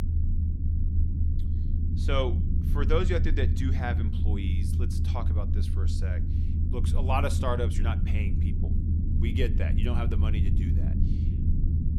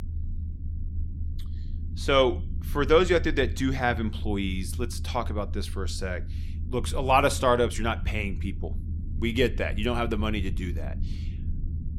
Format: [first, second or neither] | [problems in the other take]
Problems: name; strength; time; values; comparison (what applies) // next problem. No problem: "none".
second | low rumble; loud; throughout; 7 dB below the speech; faint in the second